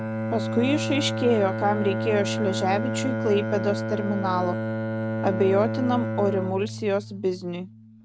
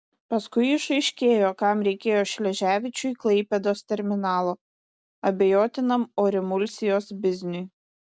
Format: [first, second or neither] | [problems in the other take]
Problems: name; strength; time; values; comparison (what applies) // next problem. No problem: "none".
second | background sound (Bowed string instrument); 3 dB below the speech